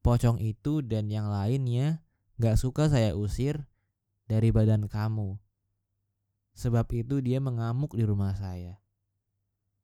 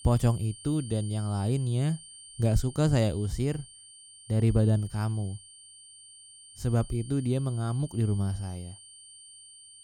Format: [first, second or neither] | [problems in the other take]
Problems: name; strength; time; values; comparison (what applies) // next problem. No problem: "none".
first | high-pitched whine; noticeable; throughout; 9 kHz, 20 dB below the speech